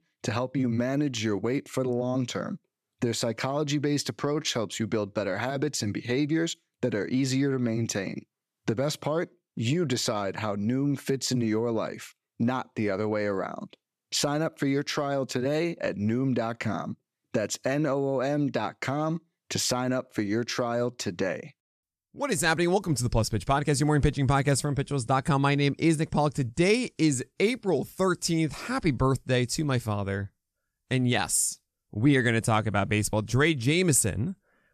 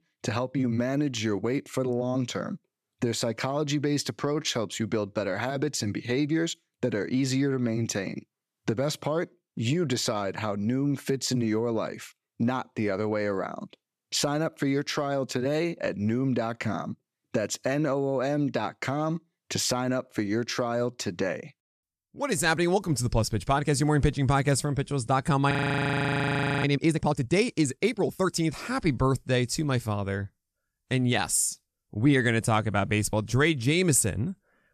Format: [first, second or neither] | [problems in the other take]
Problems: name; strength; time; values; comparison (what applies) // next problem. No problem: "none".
first | audio freezing; at 26 s for 1 s